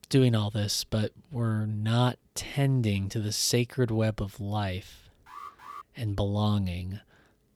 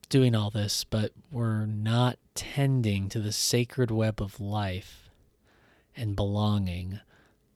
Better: second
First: alarm; faint; at 5.5 s; peak 15 dB below the speech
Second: none

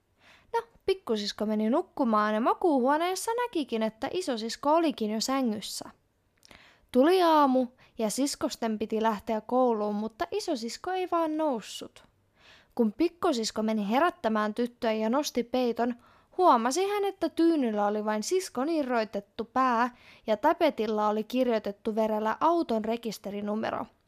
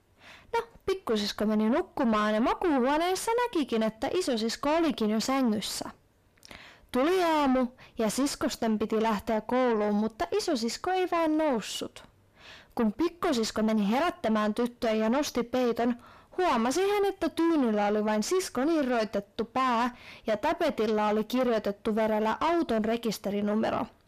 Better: first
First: none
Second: distortion; heavy; 6 dB below the speech

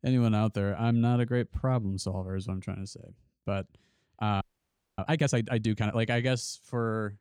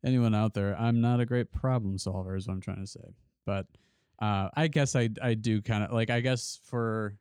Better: second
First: audio freezing; at 4.5 s for 0.5 s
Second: none

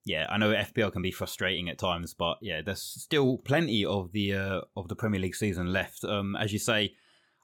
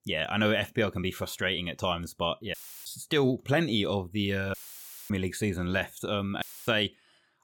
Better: first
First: none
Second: audio cutting out; filled with static; at 2.5 s, at 4.5 s for 0.5 s and at 6.5 s

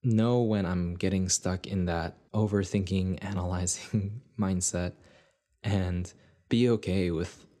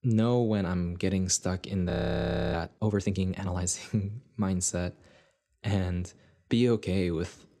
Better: first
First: none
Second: audio freezing; at 2 s for 0.5 s

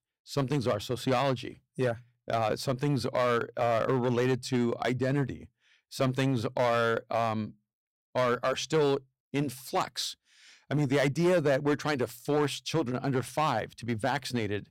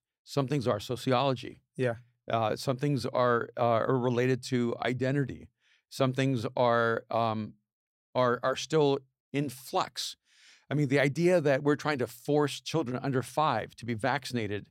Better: second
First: distortion; slight; 5% of the sound clipped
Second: none

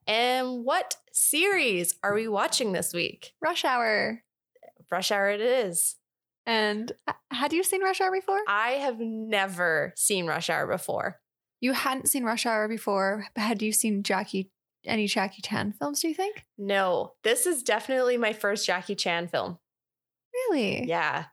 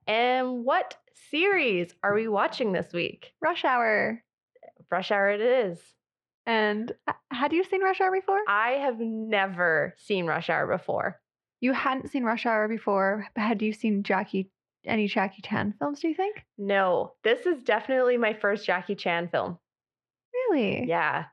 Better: first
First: none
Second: muffled; very; fading above 2.5 kHz

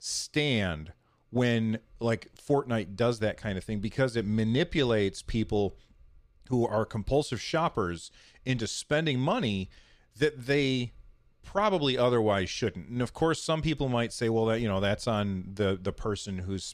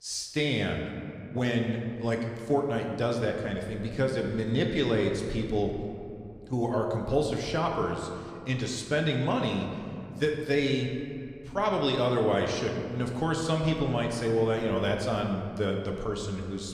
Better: first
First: none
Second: room echo; slight; dies away in 1.9 s

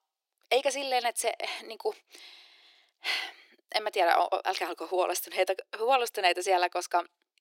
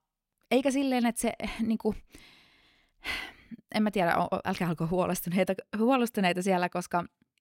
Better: second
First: thin; very; fading below 350 Hz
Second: none

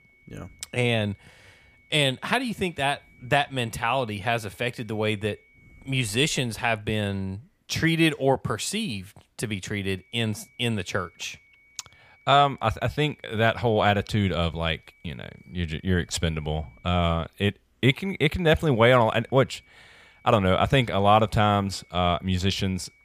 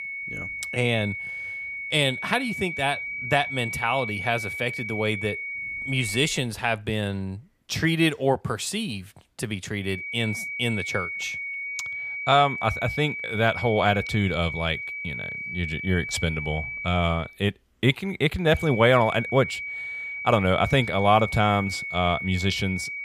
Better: first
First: high-pitched whine; faint; until 6.5 s, from 10 to 17 s and from 19 s on; 2.5 kHz, 30 dB below the speech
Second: high-pitched whine; loud; until 6.5 s, from 10 to 17 s and from 19 s on; 2.5 kHz, 6 dB below the speech

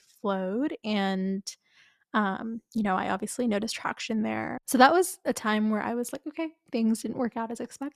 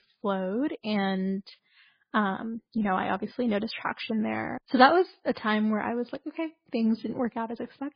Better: first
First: none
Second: garbled, watery; badly; nothing above 4.5 kHz

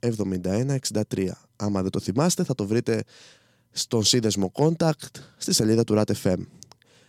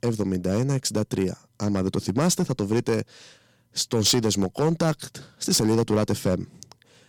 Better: first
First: none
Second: distortion; slight; 4% of the sound clipped

